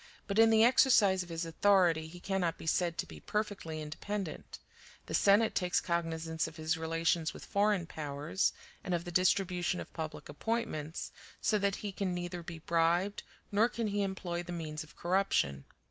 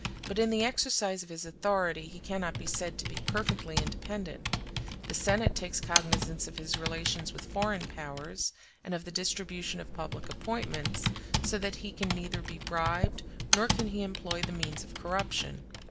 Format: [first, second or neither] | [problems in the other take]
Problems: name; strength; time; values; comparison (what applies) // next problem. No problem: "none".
first | background sound (Computer keyboard); 1 dB below the speech